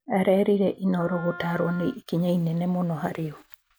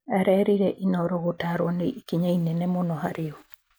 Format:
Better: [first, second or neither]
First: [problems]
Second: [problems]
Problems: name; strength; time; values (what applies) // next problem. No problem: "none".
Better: second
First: background sound (Wind instrument, woodwind instrument); 18 dB below the speech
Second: none